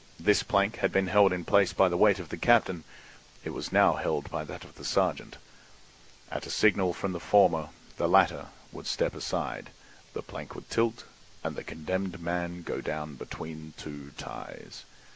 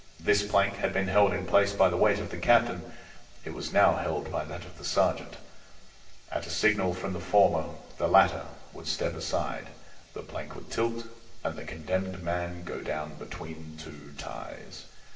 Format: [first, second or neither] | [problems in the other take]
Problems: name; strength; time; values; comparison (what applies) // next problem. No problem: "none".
first | room echo; dies away in 0.8 s